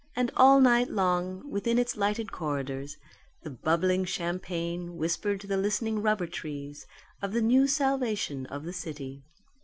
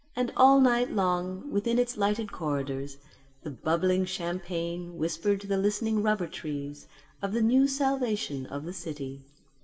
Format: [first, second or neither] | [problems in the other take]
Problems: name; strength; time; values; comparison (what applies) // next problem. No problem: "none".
first | room echo; dies away in 0.9 s